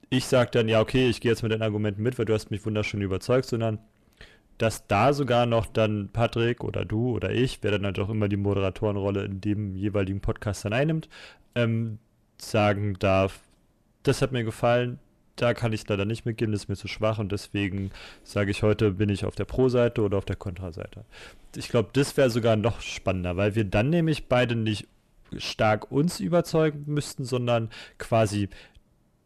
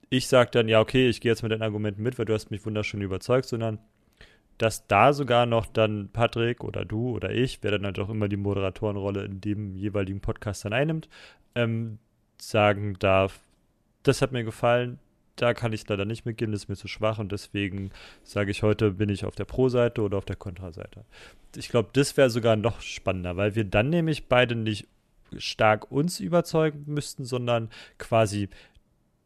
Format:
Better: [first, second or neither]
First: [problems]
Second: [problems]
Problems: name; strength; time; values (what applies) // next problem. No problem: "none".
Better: second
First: distortion; slight; 10 dB below the speech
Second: none